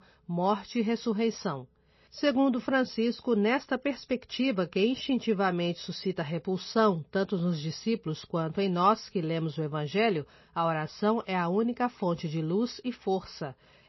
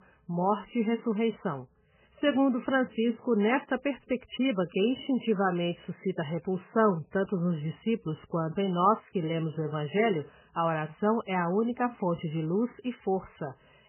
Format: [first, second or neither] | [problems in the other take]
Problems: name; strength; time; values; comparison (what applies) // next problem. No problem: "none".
first | garbled, watery; badly; nothing above 3 kHz; slightly in the first